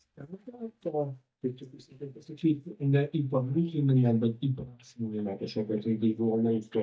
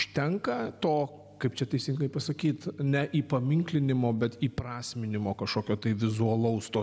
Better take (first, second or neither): second